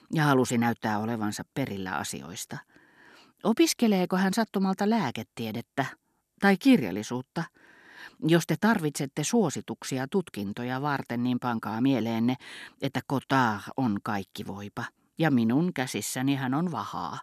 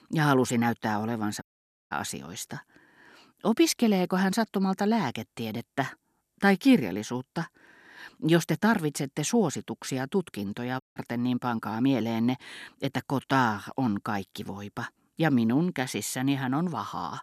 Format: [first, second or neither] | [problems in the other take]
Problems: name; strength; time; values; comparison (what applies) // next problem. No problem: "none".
first | audio cutting out; at 1.5 s and at 11 s